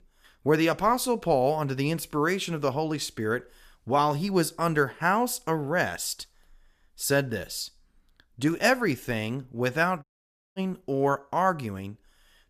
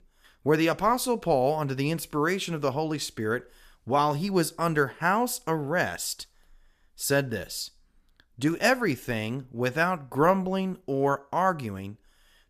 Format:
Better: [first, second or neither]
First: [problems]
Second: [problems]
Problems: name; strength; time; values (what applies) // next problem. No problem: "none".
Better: second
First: audio cutting out; at 10 s for 0.5 s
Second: none